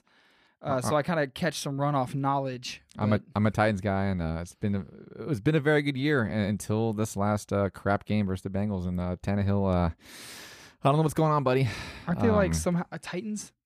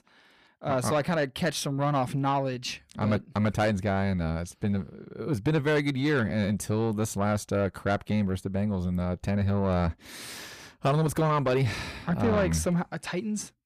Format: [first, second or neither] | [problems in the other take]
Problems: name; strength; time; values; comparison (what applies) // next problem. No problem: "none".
first | distortion; slight; 10 dB below the speech